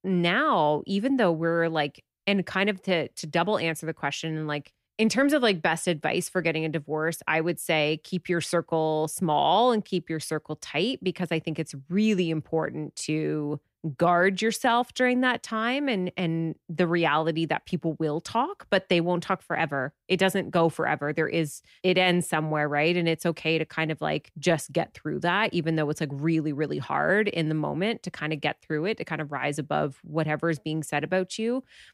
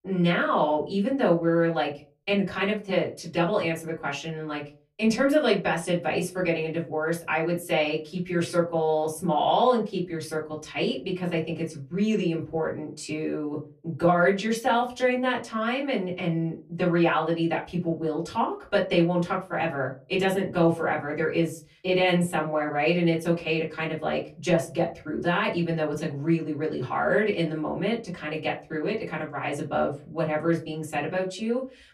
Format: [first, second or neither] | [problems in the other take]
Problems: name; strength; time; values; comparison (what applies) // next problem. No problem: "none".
first | off-mic speech; far // room echo; very slight; dies away in 0.2 s